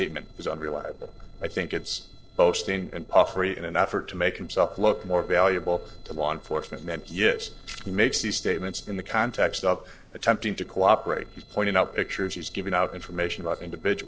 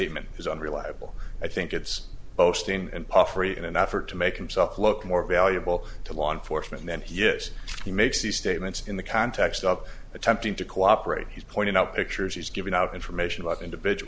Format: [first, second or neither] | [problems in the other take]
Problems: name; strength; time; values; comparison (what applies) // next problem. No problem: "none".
second | noise reduction (neural separator model SepFormer DNS4)